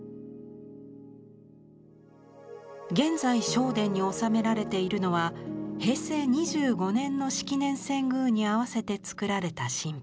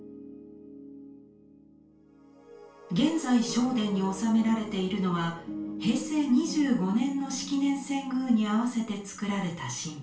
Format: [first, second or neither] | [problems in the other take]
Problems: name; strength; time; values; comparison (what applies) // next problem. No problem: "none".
first | room echo; dies away in 0.4 s